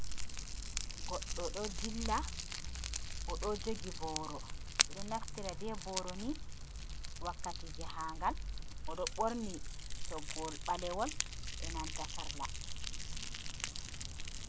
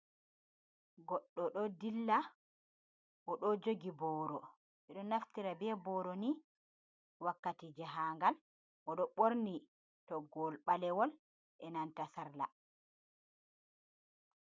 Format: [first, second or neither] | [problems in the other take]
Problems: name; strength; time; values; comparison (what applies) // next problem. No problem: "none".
second | background sound (Fire); 4 dB above the speech